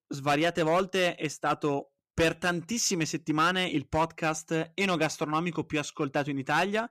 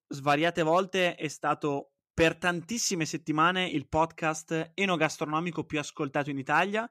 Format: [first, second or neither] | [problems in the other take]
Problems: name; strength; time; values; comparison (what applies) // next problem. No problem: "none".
second | distortion; slight; 5% of the sound clipped